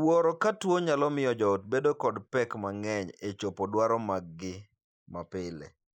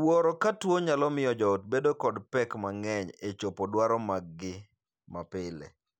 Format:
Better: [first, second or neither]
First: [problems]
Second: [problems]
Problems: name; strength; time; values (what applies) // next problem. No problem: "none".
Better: second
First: noise reduction (neural mask model Resemble Enhance denoiser)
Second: none